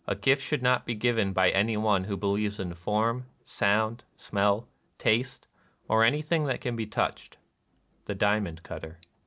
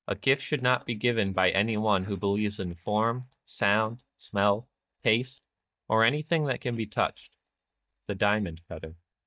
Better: first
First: none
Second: noise reduction (neural mask model DeepFilterNet 3)

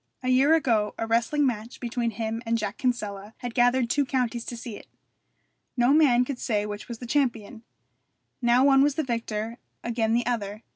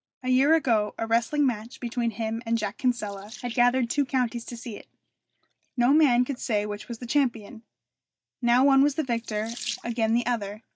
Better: first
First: none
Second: noise reduction (neural mask model DeepFilterNet 3)

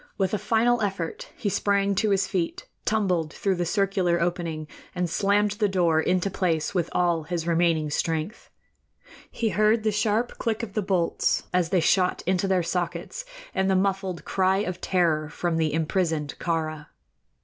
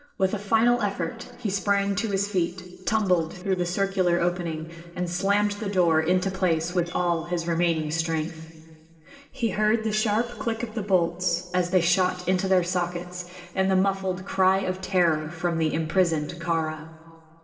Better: first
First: none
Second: noise reduction (neural separator model SepFormer DNS4)

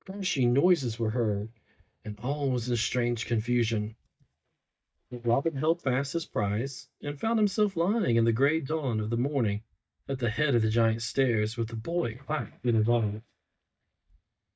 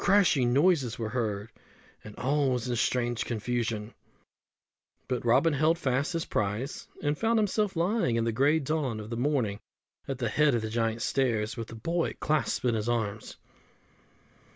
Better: second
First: noise reduction (neural mask model DeepFilterNet 3)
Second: none

